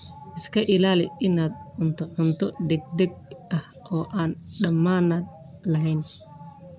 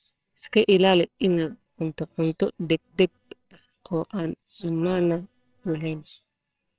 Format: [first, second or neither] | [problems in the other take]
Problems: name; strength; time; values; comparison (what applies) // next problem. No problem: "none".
first | noise reduction (neural separator model SepFormer WHAMR!)